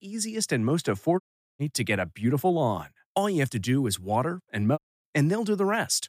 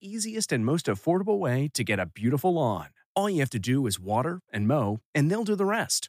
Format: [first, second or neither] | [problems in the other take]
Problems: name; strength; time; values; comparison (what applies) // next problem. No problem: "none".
second | audio cutting out; at 1 s and at 5 s